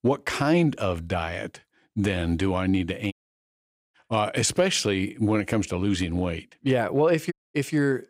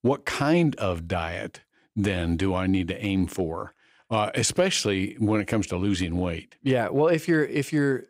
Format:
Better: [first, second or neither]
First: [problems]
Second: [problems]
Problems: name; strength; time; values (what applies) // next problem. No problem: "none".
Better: second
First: audio cutting out; at 3 s for 1 s and at 7.5 s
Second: none